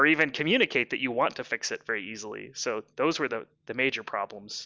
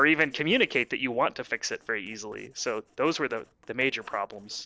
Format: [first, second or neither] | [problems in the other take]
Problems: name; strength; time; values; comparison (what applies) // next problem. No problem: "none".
first | noise reduction (neural separator model SepFormer DNS4)